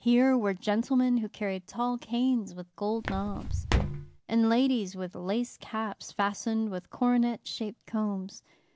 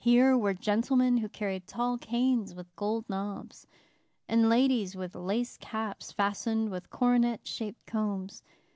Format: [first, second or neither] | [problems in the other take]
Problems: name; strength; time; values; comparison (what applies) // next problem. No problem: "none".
second | background sound (Walk, footsteps); 2 dB below the speech